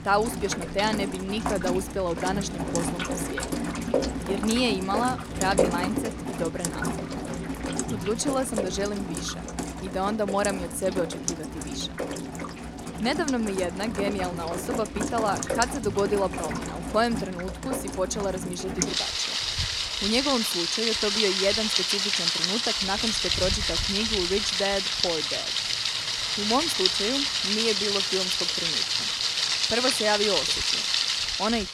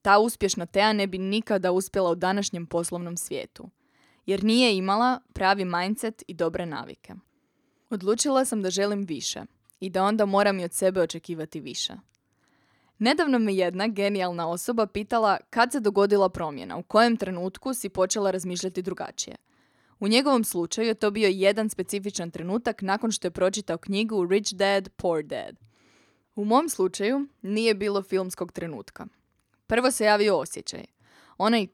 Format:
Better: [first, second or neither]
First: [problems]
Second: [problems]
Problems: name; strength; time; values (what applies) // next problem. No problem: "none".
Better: second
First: rain or running water; very loud; throughout; 2 dB above the speech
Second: none